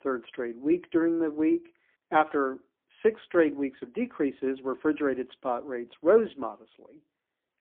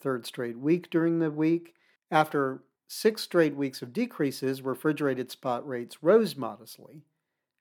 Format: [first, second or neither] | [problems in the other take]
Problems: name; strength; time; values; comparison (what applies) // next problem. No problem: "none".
second | phone-call audio; poor line; nothing above 3.5 kHz